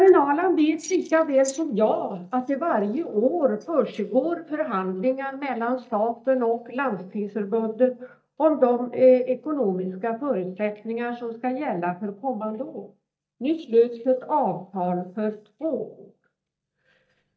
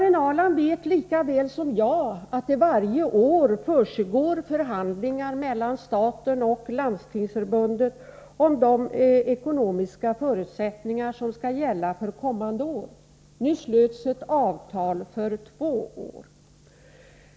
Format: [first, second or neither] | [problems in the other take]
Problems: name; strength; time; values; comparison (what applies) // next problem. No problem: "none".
second | noise reduction (neural mask model DeepFilterNet 3)